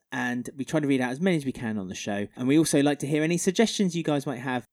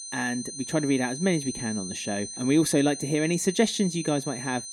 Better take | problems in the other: first | high-pitched whine; loud; throughout; 6 kHz, 9 dB below the speech

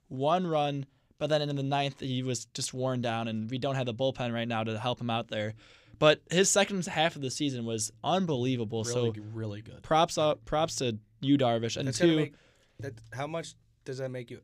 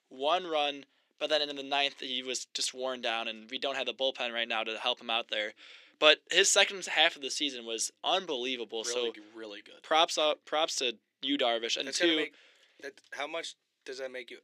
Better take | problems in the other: first | thin; somewhat; fading below 300 Hz

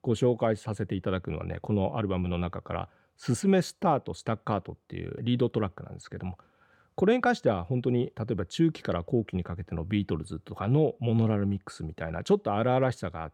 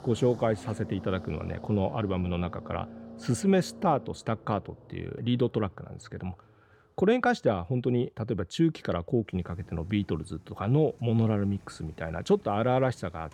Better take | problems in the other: first | traffic noise; noticeable; throughout; 20 dB below the speech

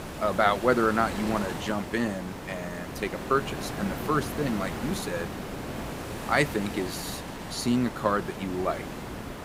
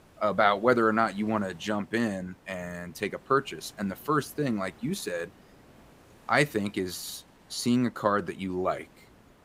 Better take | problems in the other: second | hiss; loud; throughout; 7 dB below the speech; faint in the second

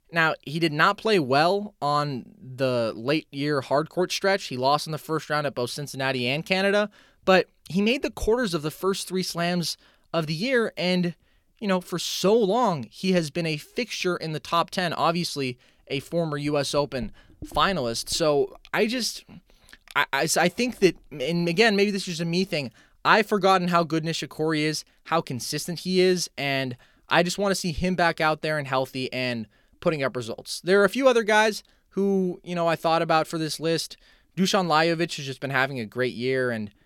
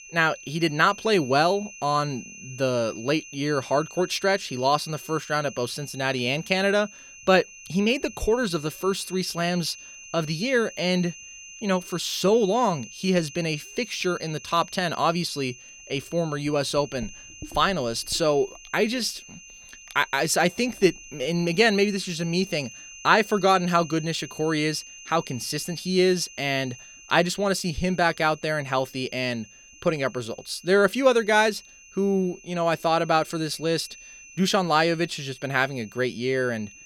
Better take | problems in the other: first | high-pitched whine; noticeable; throughout; 6 kHz, 20 dB below the speech

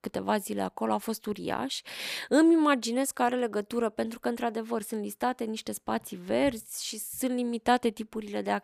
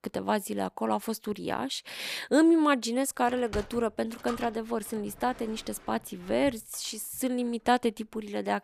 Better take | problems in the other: first | door banging; faint; from 3.5 to 7 s; peak 10 dB below the speech

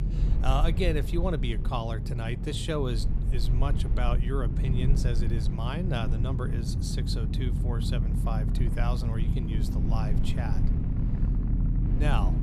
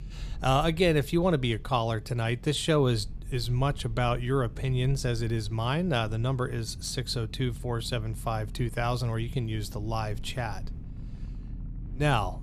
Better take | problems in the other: second | low rumble; loud; throughout; 6 dB below the speech; faint in the second

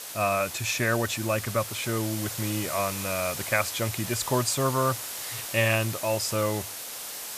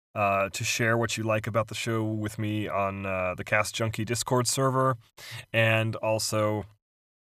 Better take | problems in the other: second | hiss; loud; throughout; 6 dB below the speech

